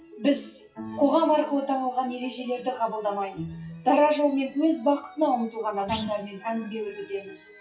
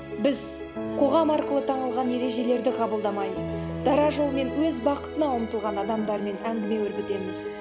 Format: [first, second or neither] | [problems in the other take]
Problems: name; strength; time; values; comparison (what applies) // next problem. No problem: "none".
second | noise reduction (classical method WPE with log-MMSE)